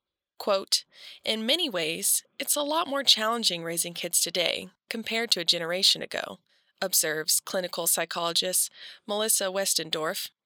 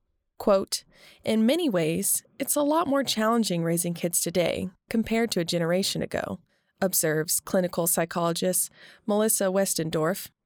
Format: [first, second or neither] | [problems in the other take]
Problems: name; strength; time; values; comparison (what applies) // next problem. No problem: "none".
second | thin; very slightly; fading below 700 Hz